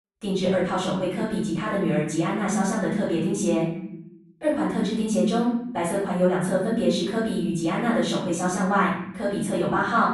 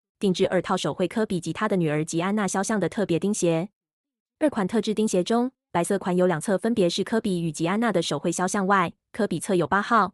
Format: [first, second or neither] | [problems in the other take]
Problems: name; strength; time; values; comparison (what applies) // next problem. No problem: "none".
second | room echo; noticeable; dies away in 0.8 s // off-mic speech; far